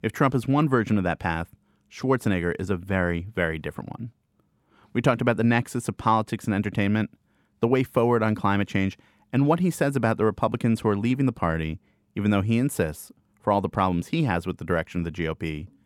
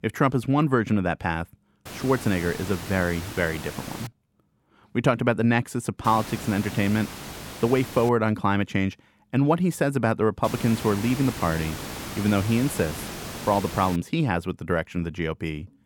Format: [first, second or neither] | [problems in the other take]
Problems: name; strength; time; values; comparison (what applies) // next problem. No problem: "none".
first | hiss; noticeable; from 2 to 4 s, from 6 to 8 s and from 10 to 14 s; 10 dB below the speech